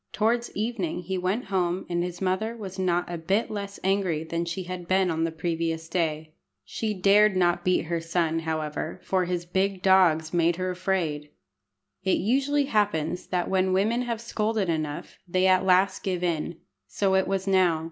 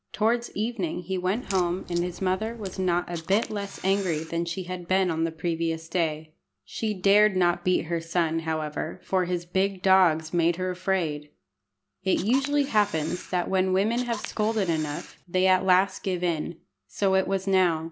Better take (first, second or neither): first